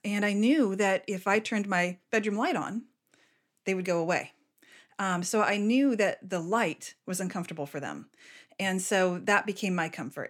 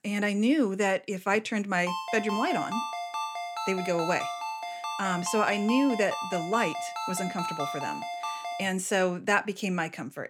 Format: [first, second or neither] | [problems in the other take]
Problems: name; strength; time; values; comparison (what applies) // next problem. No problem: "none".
first | phone ringing; noticeable; from 2 to 8.5 s; peak 4 dB below the speech